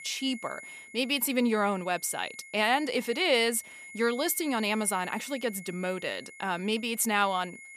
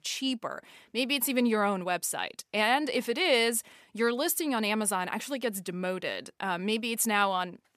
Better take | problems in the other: second | high-pitched whine; noticeable; throughout; 2 kHz, 15 dB below the speech

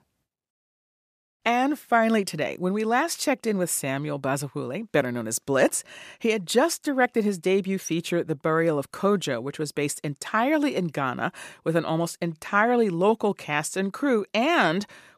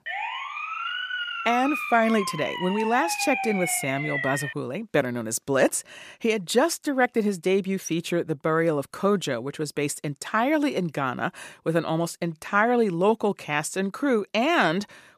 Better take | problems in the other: first | siren; noticeable; until 4.5 s; peak 2 dB below the speech

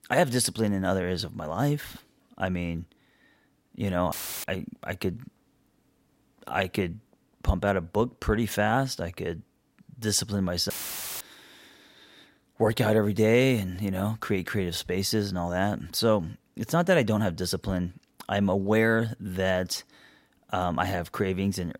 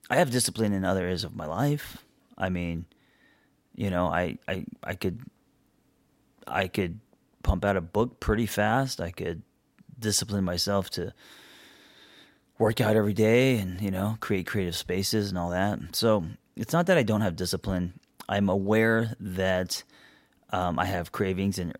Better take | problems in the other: second | audio cutting out; filled with static; at 4 s and at 11 s for 0.5 s

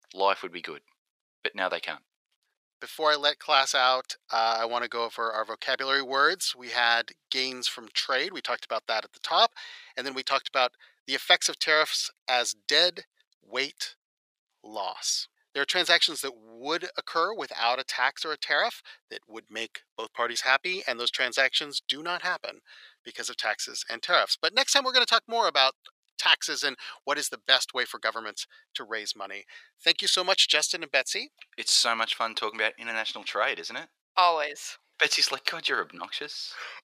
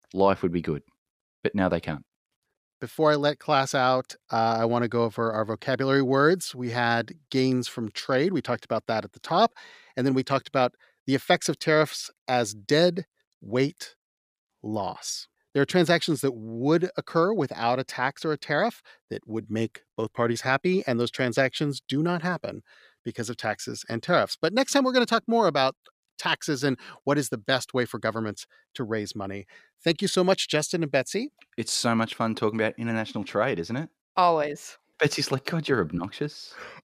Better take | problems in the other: second | thin; very; fading below 750 Hz

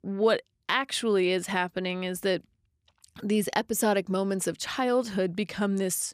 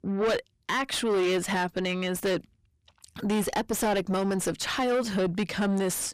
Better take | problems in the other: first | distortion; heavy; 7 dB below the speech

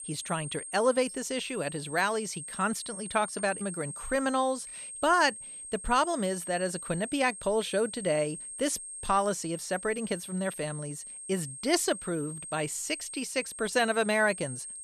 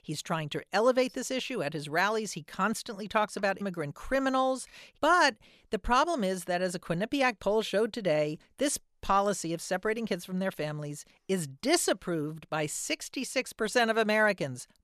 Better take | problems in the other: second | high-pitched whine; loud; throughout; 8.5 kHz, 9 dB below the speech

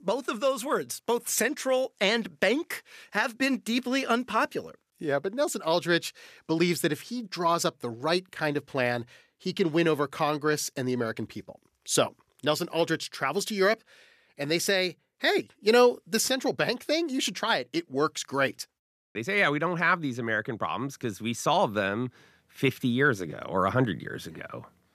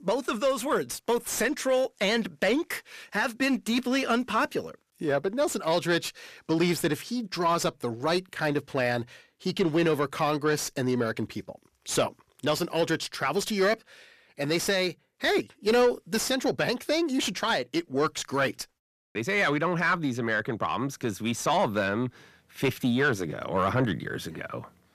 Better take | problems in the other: first | distortion; slight; 10 dB below the speech

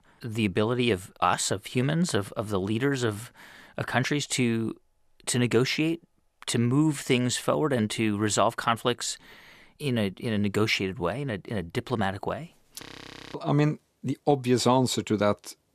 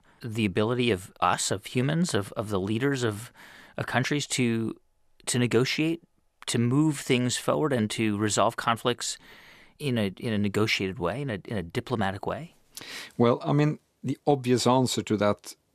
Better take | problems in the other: second | audio freezing; at 13 s for 0.5 s

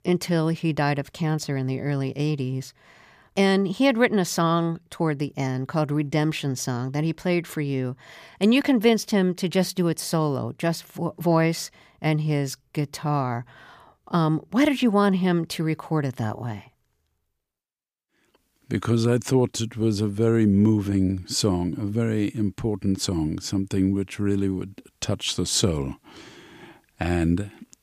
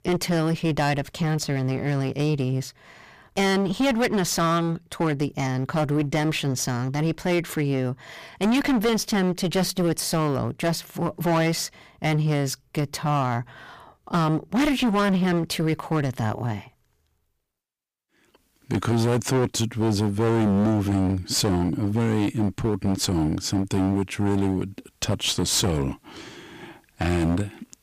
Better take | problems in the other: first | distortion; heavy; 17% of the sound clipped

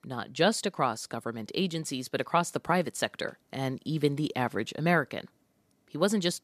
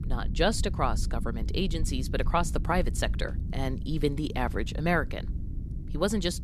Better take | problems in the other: first | low rumble; noticeable; throughout; 20 dB below the speech

